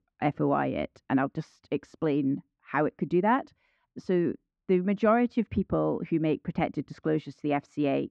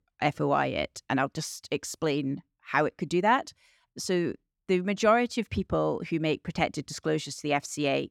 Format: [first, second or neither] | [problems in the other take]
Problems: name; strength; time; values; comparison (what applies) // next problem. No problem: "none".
second | muffled; very; fading above 2 kHz